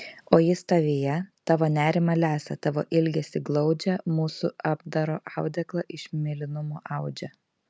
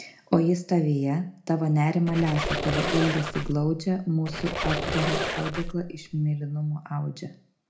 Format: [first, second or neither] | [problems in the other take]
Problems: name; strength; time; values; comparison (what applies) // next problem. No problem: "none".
first | background sound (Squeak); 4 dB below the speech // room echo; dies away in 0.4 s